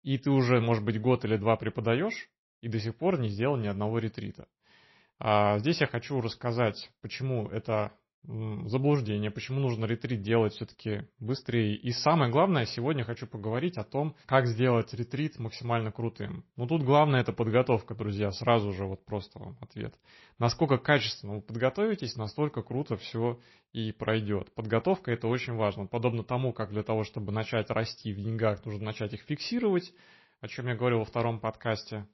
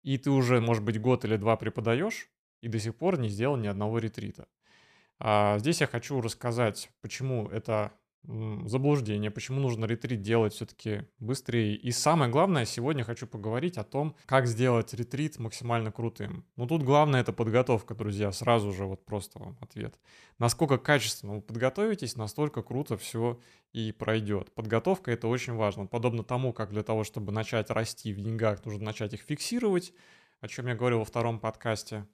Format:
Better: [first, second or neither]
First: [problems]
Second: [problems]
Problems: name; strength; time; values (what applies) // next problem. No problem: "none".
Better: second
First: garbled, watery; slightly; nothing above 5.5 kHz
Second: none